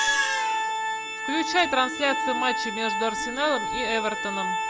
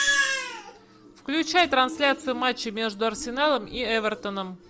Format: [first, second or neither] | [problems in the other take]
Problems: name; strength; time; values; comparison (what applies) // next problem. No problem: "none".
second | background sound (Organ); 1 dB below the speech